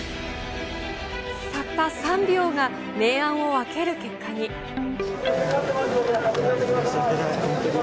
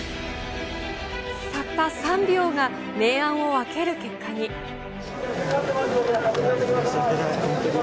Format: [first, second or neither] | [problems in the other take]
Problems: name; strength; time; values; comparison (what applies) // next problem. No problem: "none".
second | background sound (Ringtone); 12 dB below the speech